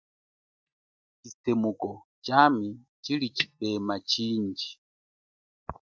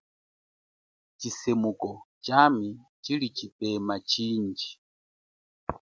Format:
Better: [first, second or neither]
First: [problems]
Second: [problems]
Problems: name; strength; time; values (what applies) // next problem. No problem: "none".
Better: second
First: noise reduction (neural mask model DeepFilterNet 3)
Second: none